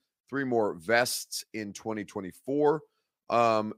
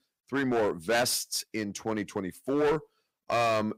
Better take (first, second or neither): first